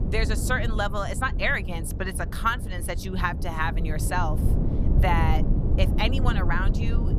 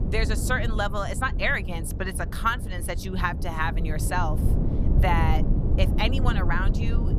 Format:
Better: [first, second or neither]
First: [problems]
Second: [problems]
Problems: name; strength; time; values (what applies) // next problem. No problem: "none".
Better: neither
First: low rumble; noticeable; throughout; 10 dB below the speech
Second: low rumble; noticeable; throughout; 10 dB below the speech